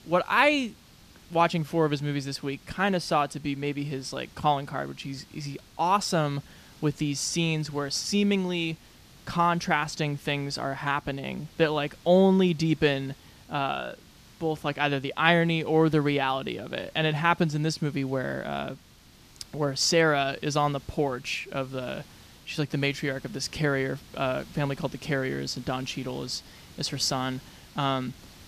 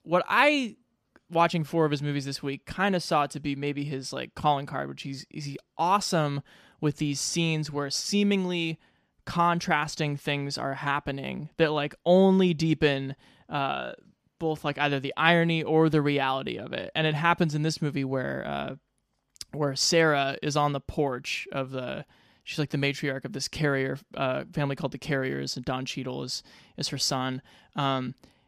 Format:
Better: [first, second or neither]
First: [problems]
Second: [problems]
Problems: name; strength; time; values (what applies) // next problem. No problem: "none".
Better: second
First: hiss; faint; throughout; 25 dB below the speech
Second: none